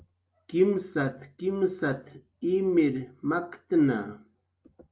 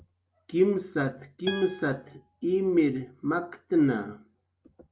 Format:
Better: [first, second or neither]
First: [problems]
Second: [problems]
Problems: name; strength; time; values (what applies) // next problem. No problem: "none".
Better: first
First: none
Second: background sound (Acoustic guitar); 14 dB below the speech